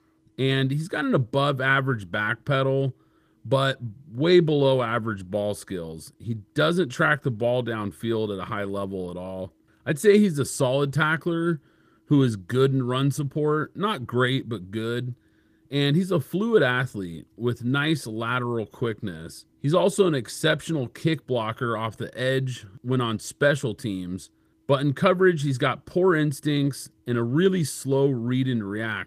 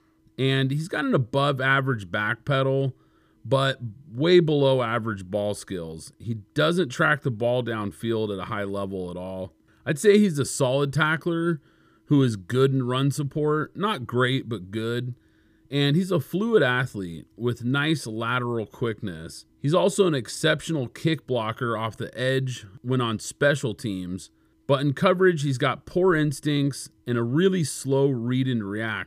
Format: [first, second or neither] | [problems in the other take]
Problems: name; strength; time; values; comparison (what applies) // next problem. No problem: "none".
second | garbled, watery; slightly; nothing above 15 kHz